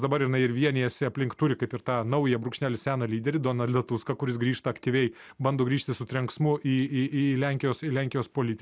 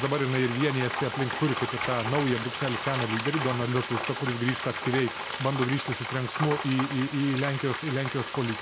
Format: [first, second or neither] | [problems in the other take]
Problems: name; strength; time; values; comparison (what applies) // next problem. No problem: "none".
first | background sound (Frying (food)); 5 dB below the speech